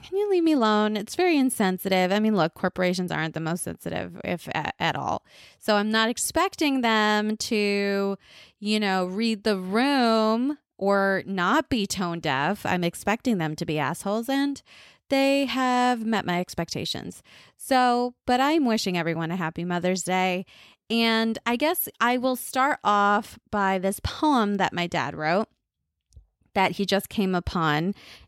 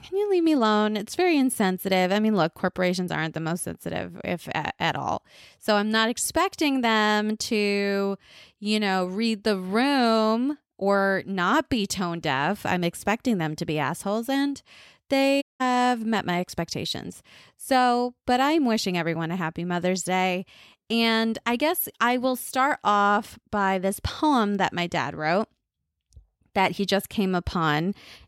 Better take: first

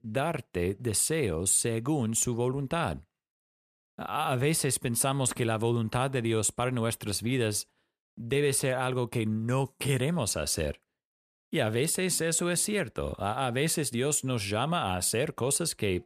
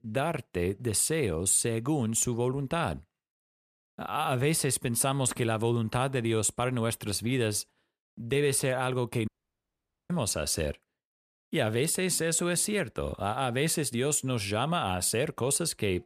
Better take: first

